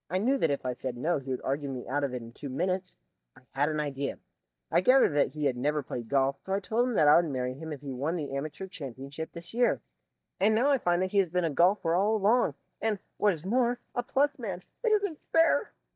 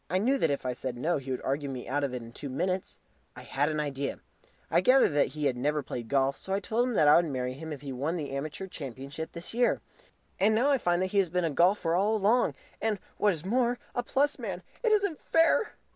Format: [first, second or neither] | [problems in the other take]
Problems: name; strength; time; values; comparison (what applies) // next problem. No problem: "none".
second | noise reduction (neural mask model DeepFilterNet 3)